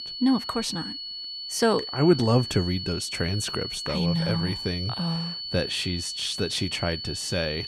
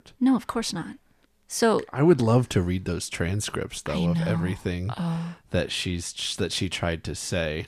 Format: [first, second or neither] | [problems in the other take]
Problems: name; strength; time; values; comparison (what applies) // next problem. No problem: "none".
second | high-pitched whine; loud; throughout; 4.5 kHz, 6 dB below the speech